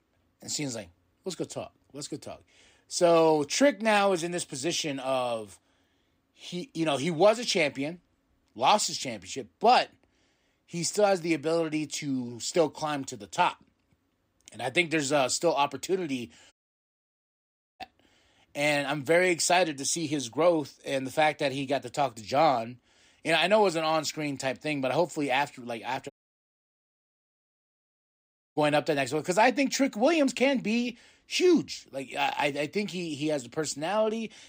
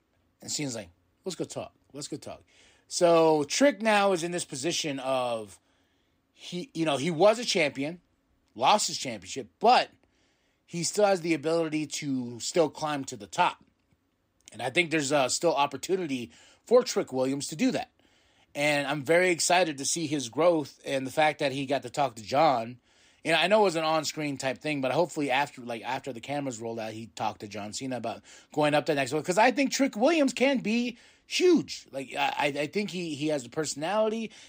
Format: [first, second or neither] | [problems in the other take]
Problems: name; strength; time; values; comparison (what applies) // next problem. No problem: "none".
second | audio cutting out; at 17 s for 1.5 s and at 26 s for 2.5 s